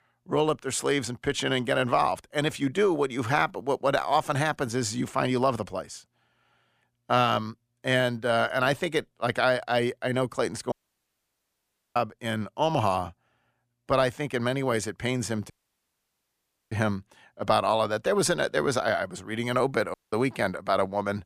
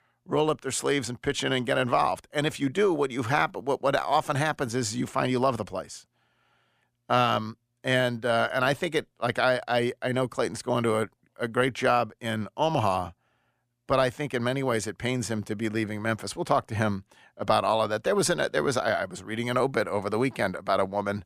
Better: second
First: audio cutting out; at 11 s for 1 s, at 16 s for 1 s and at 20 s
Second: none

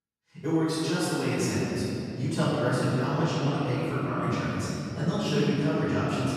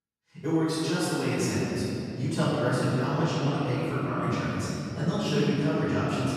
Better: neither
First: room echo; strong; dies away in 2.9 s // off-mic speech; far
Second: room echo; strong; dies away in 2.9 s // off-mic speech; far

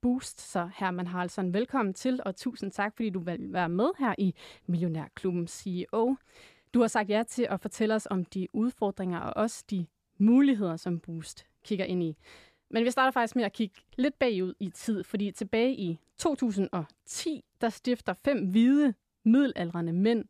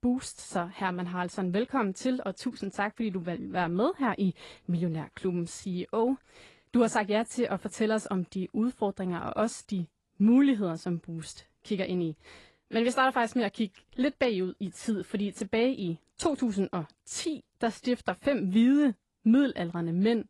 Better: first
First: none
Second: garbled, watery; slightly

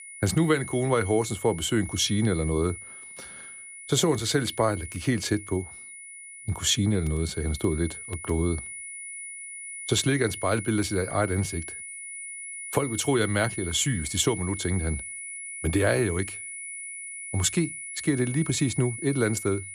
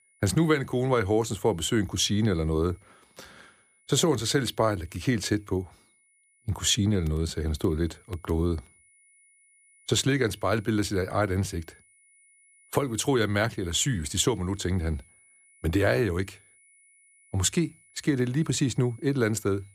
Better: second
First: high-pitched whine; loud; throughout; 2 kHz, 10 dB below the speech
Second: high-pitched whine; faint; throughout; 2 kHz, 30 dB below the speech

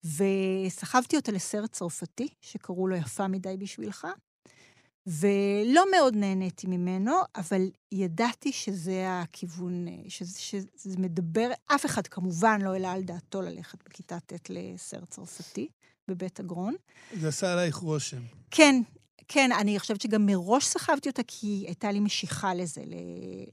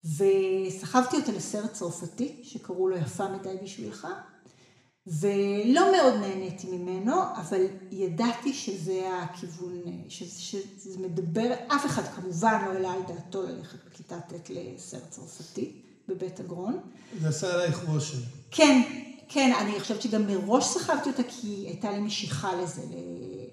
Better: first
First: none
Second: room echo; slight; dies away in 0.9 s // off-mic speech; somewhat distant

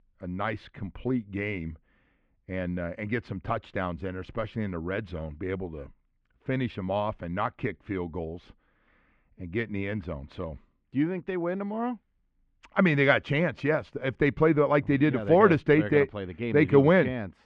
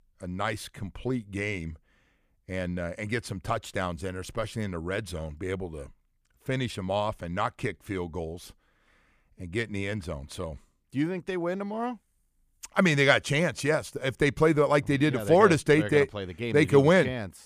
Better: second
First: muffled; very; fading above 3 kHz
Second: none

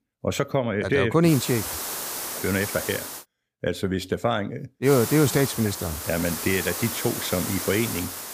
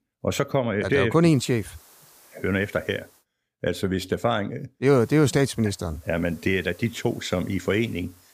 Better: second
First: hiss; loud; from 1.5 to 3 s and from 5 s on; 5 dB below the speech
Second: hiss; faint; from 1.5 to 3 s and from 5 s on; 25 dB below the speech

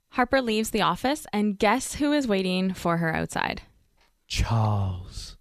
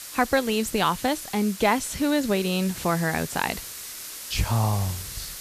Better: first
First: none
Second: hiss; noticeable; throughout; 10 dB below the speech

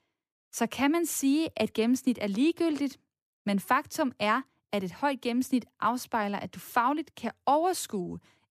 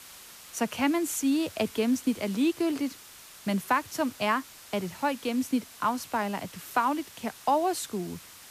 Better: first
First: none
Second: hiss; noticeable; throughout; 15 dB below the speech

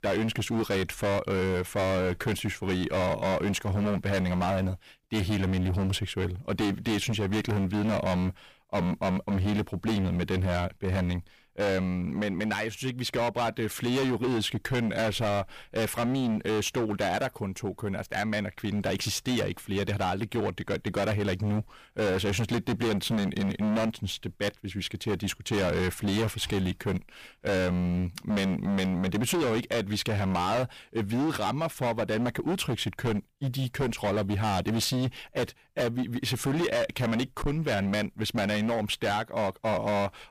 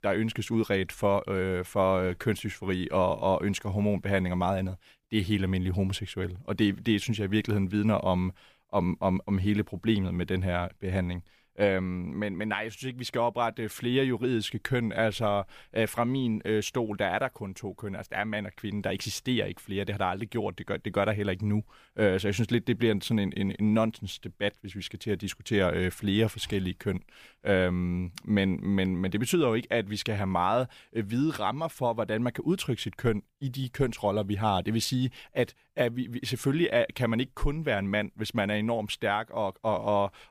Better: second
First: distortion; heavy; 23% of the sound clipped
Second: none

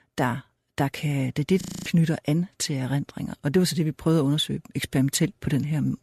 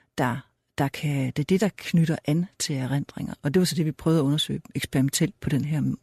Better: second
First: audio freezing; at 1.5 s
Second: none

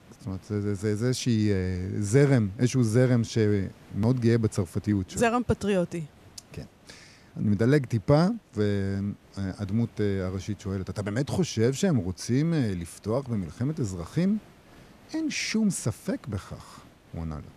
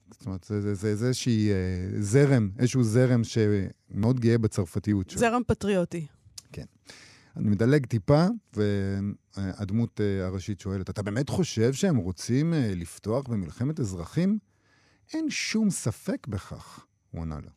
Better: second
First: hiss; faint; throughout; 30 dB below the speech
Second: none

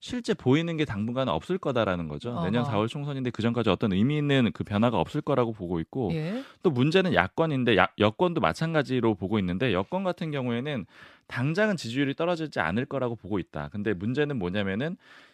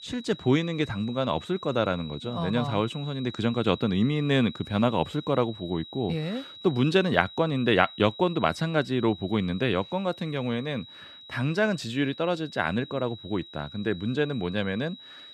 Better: first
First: none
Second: high-pitched whine; noticeable; throughout; 4 kHz, 15 dB below the speech

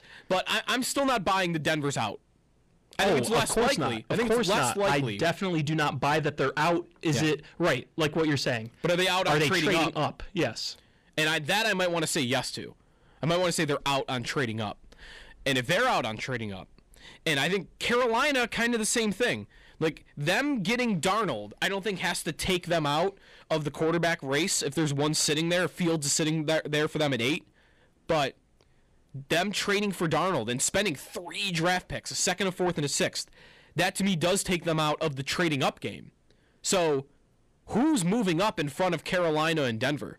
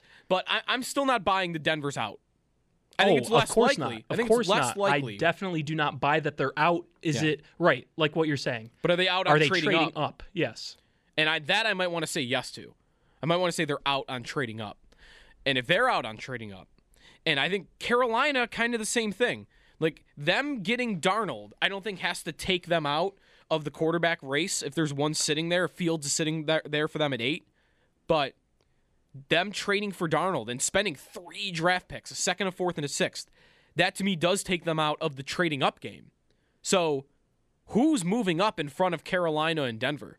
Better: second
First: distortion; heavy; 8 dB below the speech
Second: none

